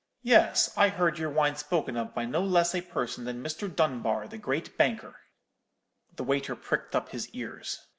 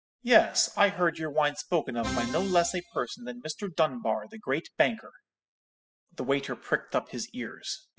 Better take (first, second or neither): first